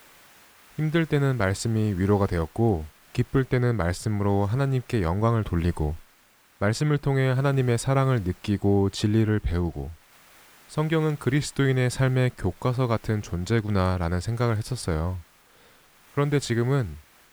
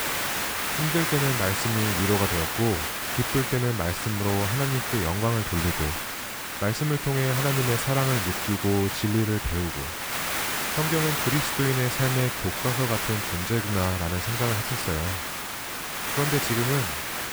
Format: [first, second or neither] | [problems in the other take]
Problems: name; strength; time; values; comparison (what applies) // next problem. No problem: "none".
first | hiss; loud; throughout; as loud as the speech; faint in the first